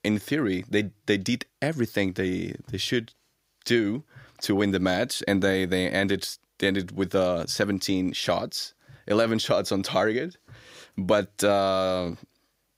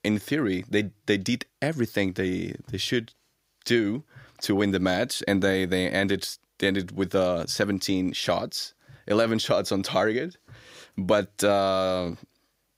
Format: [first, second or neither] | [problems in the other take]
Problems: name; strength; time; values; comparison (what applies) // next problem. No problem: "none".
neither | none